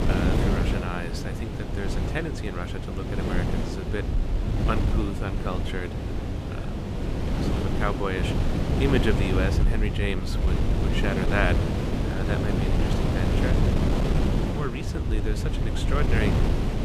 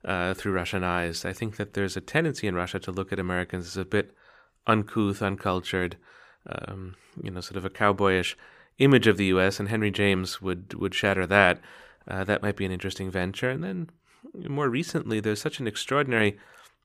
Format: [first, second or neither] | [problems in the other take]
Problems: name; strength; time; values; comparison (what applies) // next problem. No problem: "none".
second | wind noise on the microphone; heavy; 1 dB below the speech